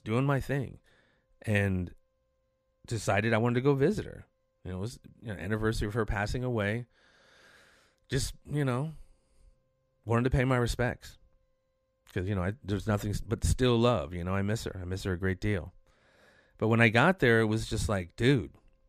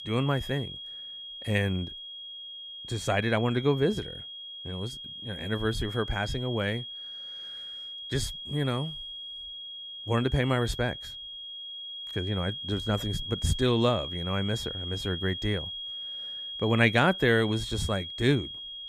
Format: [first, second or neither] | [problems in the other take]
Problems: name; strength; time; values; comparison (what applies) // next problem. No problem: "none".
first | high-pitched whine; loud; throughout; 3.5 kHz, 8 dB below the speech